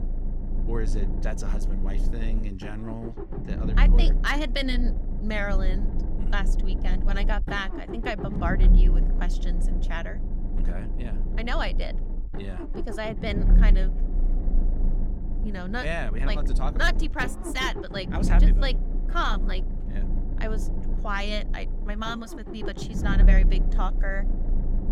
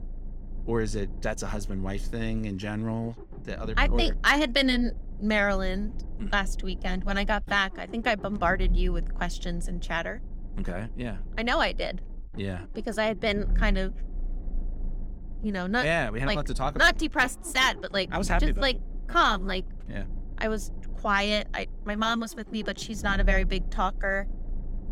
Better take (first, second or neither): second